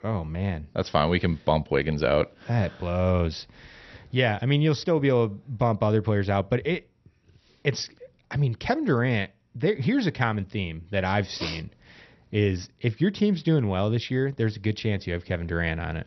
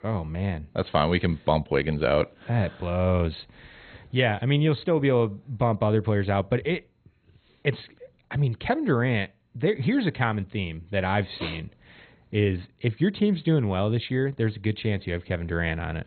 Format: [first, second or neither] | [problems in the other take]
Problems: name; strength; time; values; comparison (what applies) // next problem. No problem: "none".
first | garbled, watery; badly; nothing above 4 kHz; slightly in the first